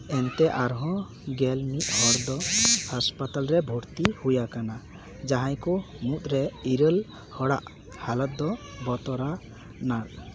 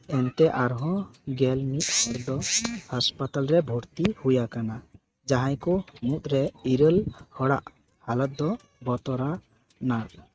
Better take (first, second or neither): first